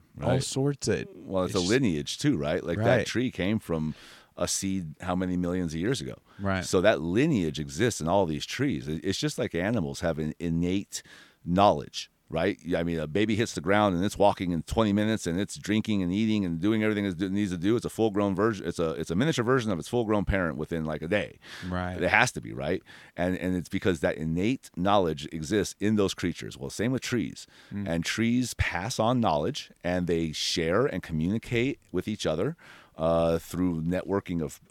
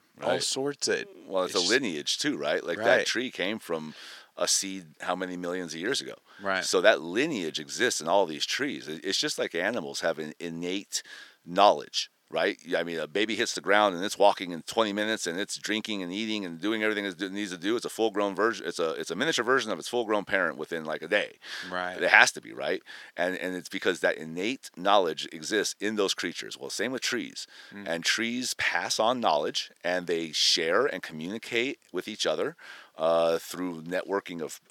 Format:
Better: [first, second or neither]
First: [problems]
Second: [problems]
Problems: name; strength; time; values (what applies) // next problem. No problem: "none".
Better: first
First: none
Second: thin; somewhat; fading below 400 Hz